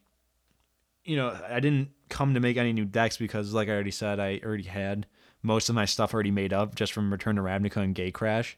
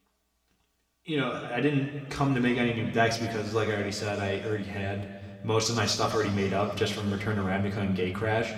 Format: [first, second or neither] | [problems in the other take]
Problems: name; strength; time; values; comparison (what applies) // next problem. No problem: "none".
first | room echo; slight; dies away in 2 s // off-mic speech; somewhat distant